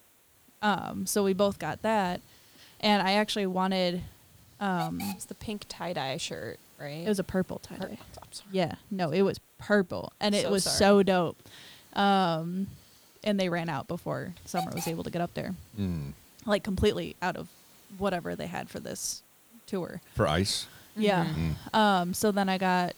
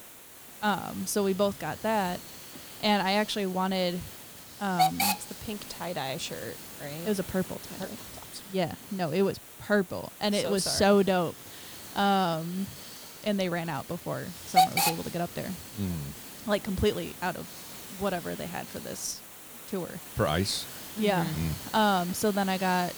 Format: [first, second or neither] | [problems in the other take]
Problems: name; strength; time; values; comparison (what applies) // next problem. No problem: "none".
first | hiss; loud; throughout; 6 dB below the speech; faint in the first